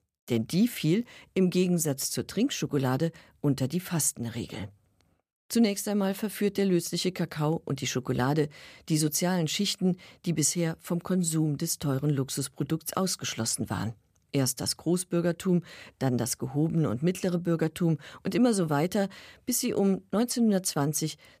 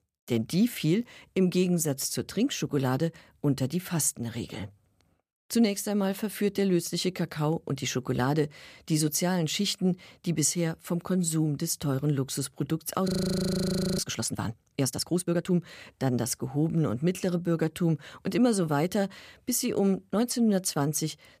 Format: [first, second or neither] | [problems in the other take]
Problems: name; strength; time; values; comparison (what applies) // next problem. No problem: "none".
first | audio freezing; at 13 s for 1 s